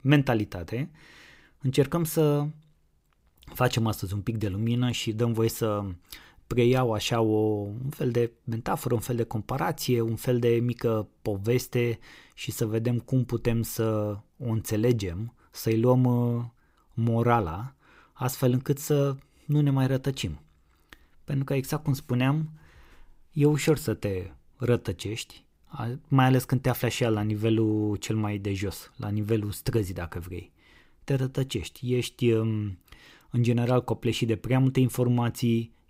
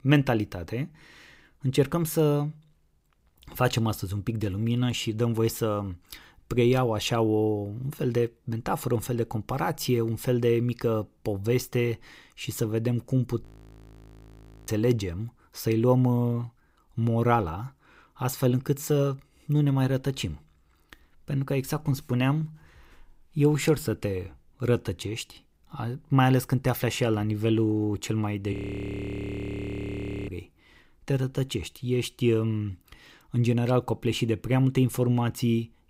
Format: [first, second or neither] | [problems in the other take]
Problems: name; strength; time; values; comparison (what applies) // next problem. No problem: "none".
first | audio freezing; at 13 s for 1.5 s and at 29 s for 2 s